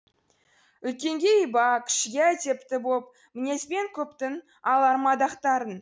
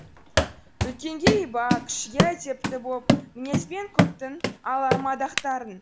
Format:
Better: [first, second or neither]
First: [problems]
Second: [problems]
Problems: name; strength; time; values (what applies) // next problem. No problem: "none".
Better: first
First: none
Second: background sound (Run); 3 dB above the speech